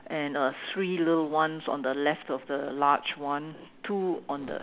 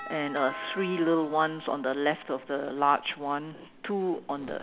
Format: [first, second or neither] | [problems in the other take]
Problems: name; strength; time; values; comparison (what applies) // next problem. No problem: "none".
first | background sound (Doorbell); 16 dB below the speech